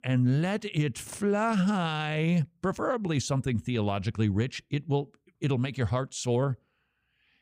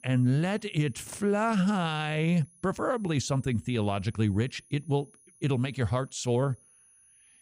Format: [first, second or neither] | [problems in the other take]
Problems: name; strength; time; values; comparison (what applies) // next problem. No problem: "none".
first | high-pitched whine; faint; throughout; 10.5 kHz, 30 dB below the speech